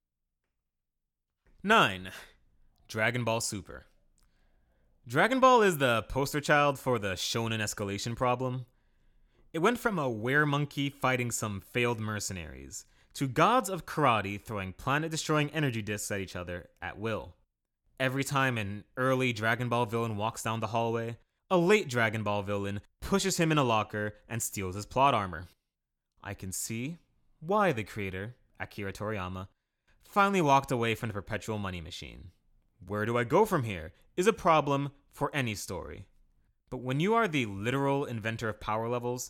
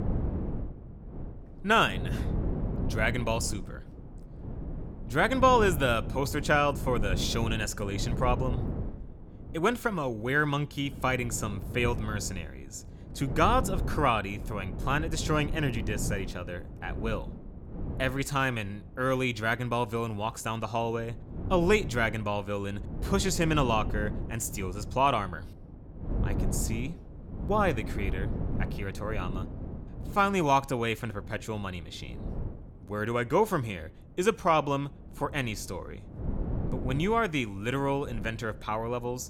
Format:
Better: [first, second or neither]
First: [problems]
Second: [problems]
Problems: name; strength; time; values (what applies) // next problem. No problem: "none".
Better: first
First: none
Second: wind noise on the microphone; occasional gusts; 15 dB below the speech